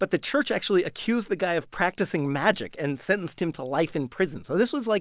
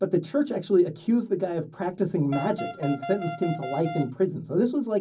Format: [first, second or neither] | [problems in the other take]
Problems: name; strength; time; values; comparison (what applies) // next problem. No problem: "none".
first | background sound (Wind instrument, woodwind instrument); 9 dB below the speech // room echo; dies away in 0.4 s